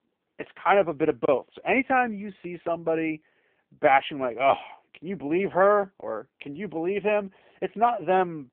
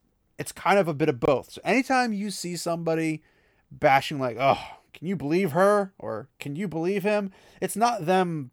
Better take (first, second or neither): second